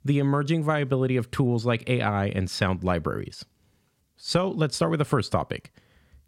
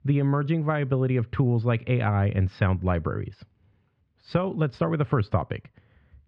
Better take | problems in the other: first | muffled; very; fading above 2.5 kHz

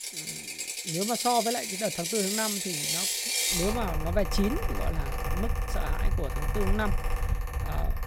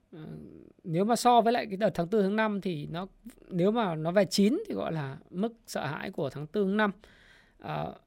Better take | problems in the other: second | machinery noise; very loud; throughout; 2 dB above the speech

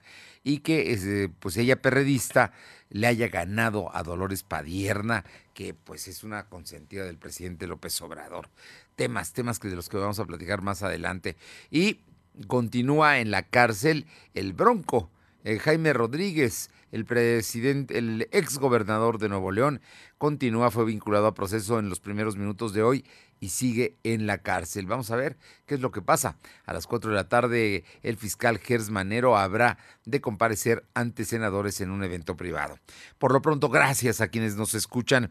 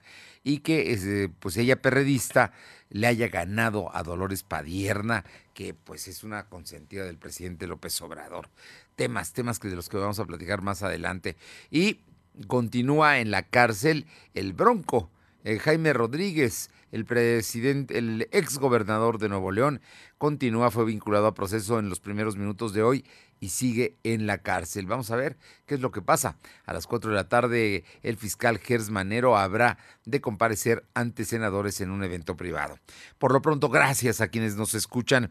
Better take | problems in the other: neither | none

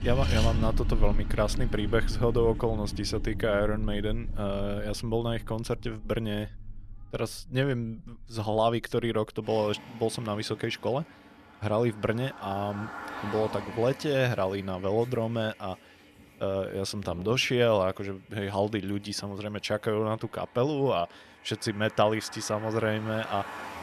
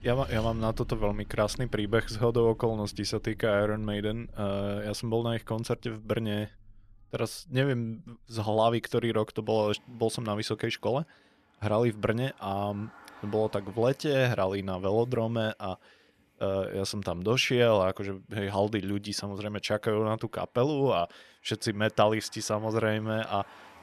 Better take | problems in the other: second | traffic noise; loud; throughout; 8 dB below the speech; faint in the second

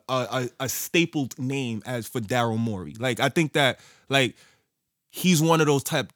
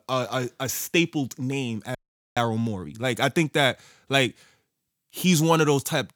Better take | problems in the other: first | audio cutting out; at 2 s

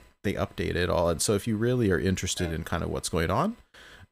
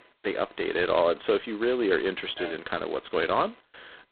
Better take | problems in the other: first | phone-call audio; poor line; nothing above 4 kHz

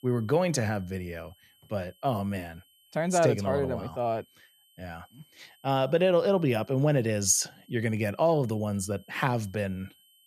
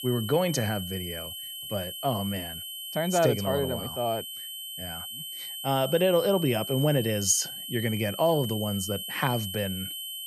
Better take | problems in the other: first | high-pitched whine; loud; throughout; 3 kHz, 7 dB below the speech; faint in the first

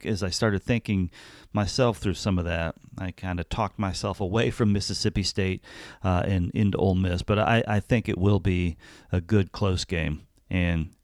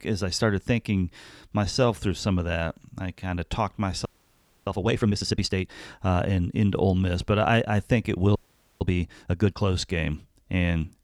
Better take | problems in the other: first | audio freezing; at 4 s for 0.5 s and at 8.5 s

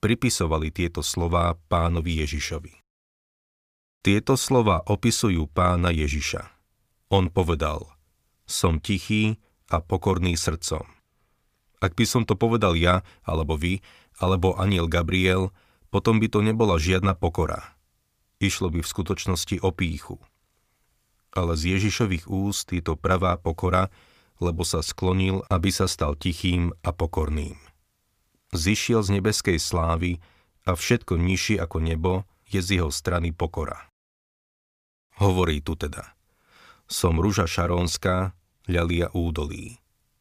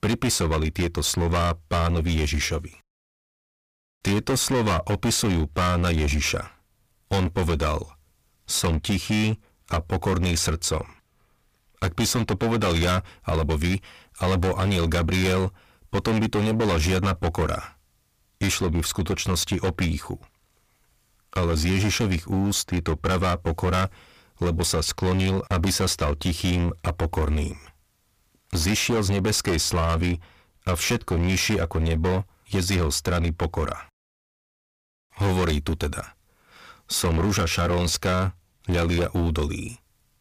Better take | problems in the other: first | distortion; heavy; 20% of the sound clipped

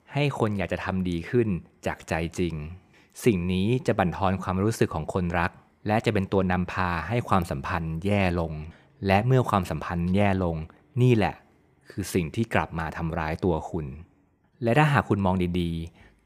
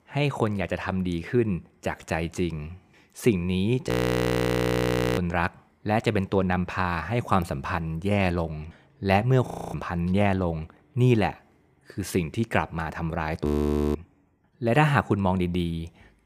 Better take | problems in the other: first | audio freezing; at 4 s for 1.5 s, at 9.5 s and at 13 s for 0.5 s

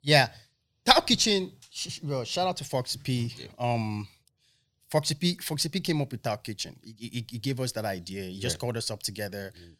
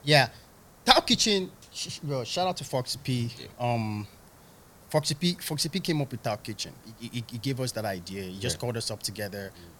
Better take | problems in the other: first | hiss; faint; throughout; 25 dB below the speech

